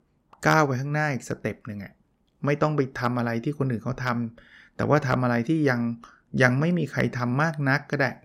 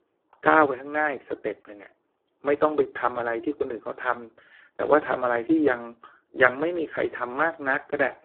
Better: first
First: none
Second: phone-call audio; poor line

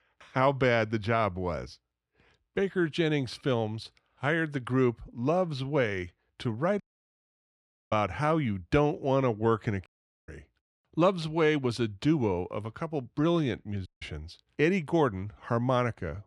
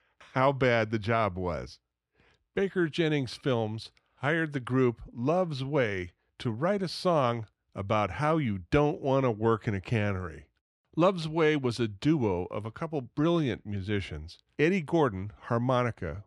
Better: second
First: audio cutting out; at 7 s for 1 s, at 10 s and at 14 s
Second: none

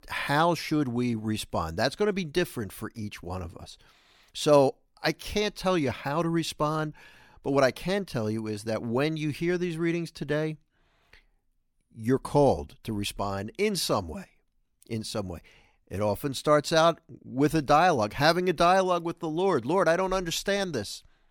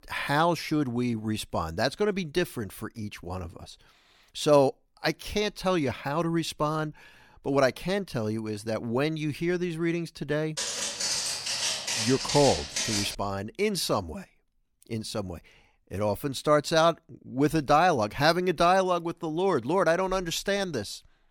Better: first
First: none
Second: footsteps; loud; from 11 to 13 s; peak 1 dB above the speech

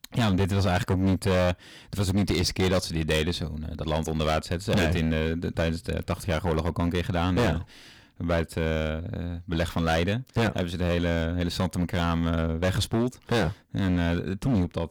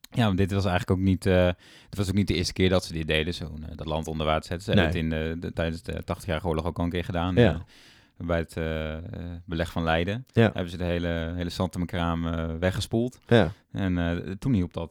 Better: second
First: distortion; heavy; 12% of the sound clipped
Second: none

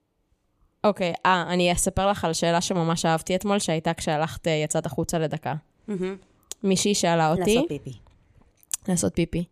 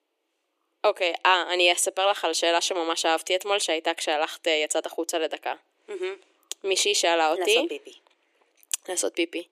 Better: first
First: none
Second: thin; very; fading below 350 Hz

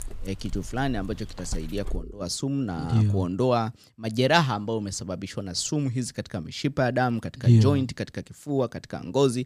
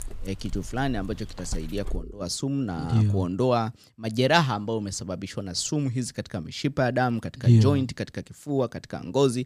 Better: neither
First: animal sounds; noticeable; until 2.5 s; 15 dB below the speech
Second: animal sounds; noticeable; until 2.5 s; 15 dB below the speech

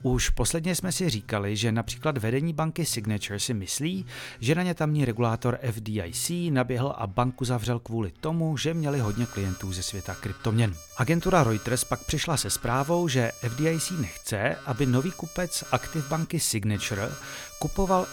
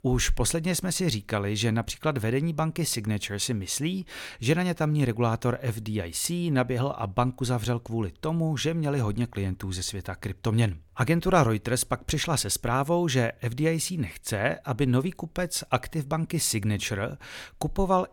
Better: second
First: alarms or sirens; noticeable; throughout; 15 dB below the speech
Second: none

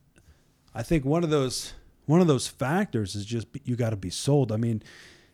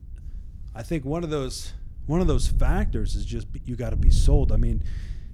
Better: first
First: none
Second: wind noise on the microphone; occasional gusts; 15 dB below the speech

